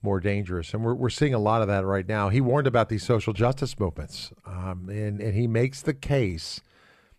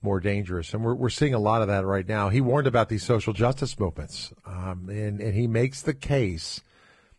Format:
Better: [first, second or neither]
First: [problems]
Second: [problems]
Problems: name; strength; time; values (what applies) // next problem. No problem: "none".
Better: first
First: none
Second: garbled, watery; badly; nothing above 10 kHz